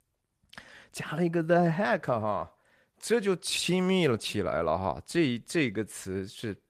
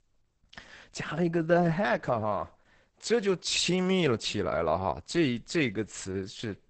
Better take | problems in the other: first | garbled, watery; badly; nothing above 8 kHz; slightly in the first

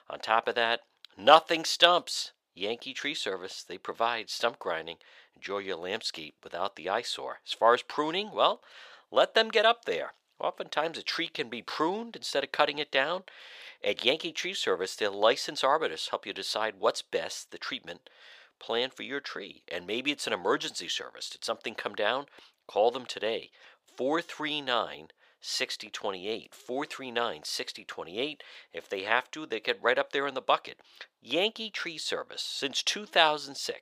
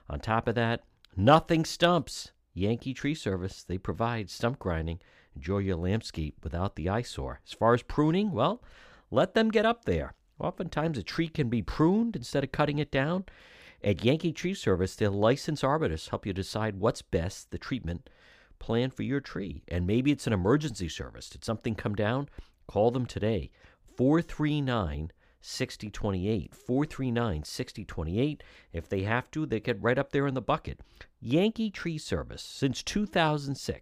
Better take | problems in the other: second | thin; very; fading below 650 Hz

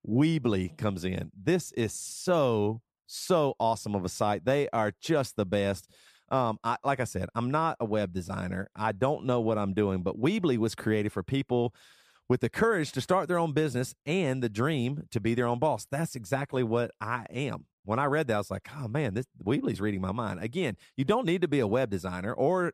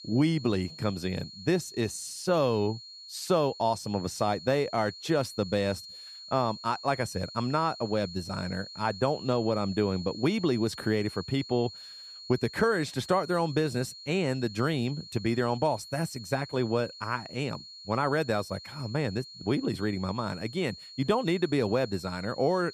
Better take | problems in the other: first | high-pitched whine; noticeable; throughout; 4.5 kHz, 15 dB below the speech

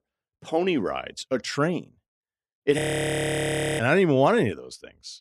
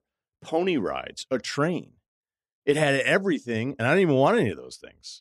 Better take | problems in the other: second | audio freezing; at 3 s for 1 s

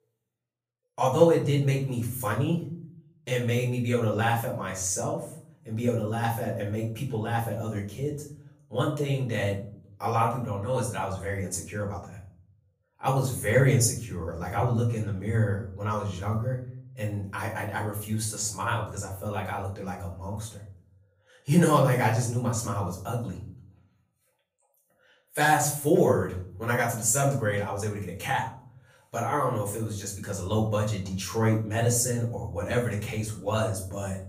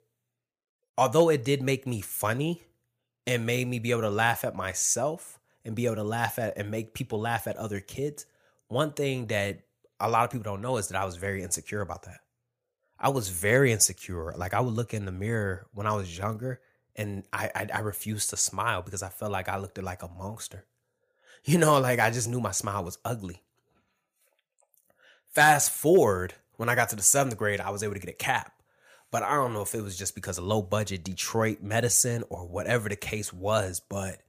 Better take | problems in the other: second | room echo; slight; dies away in 0.7 s // off-mic speech; far

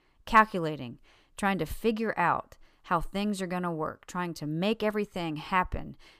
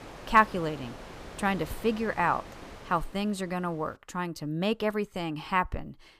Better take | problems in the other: first | wind noise on the microphone; occasional gusts; until 4 s; 15 dB below the speech

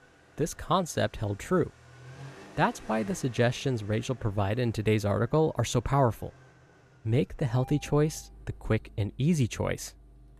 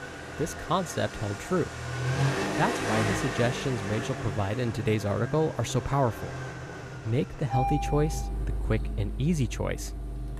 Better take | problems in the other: first | traffic noise; loud; throughout; 4 dB below the speech; faint in the first

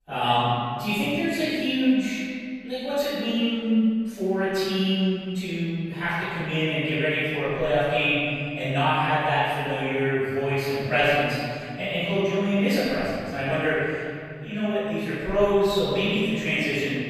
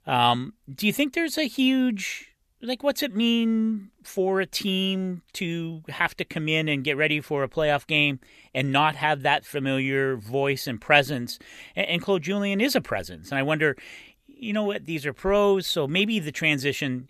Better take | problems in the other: second | off-mic speech; far // room echo; strong; dies away in 2.2 s

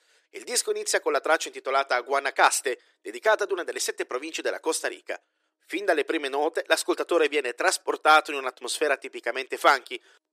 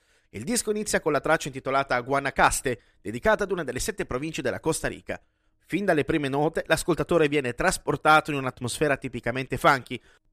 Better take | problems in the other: second | thin; very; fading below 350 Hz

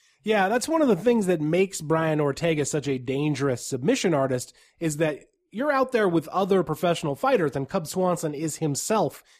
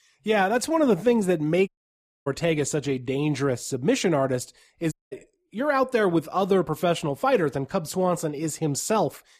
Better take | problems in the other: first | audio cutting out; at 1.5 s for 0.5 s and at 5 s

